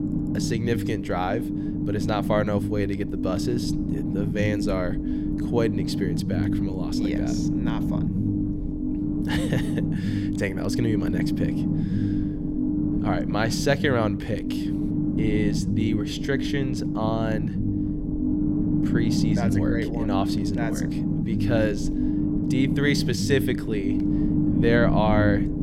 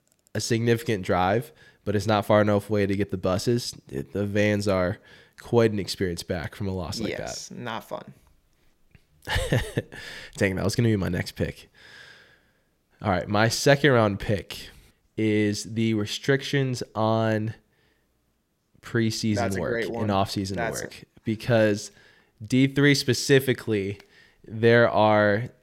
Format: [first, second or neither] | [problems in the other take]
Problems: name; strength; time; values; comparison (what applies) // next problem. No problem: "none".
second | low rumble; loud; throughout; 2 dB below the speech